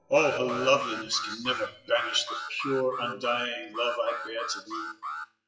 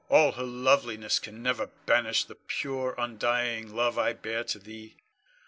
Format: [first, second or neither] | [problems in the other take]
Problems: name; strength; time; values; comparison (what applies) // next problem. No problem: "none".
second | noise reduction (classical method WPE with log-MMSE)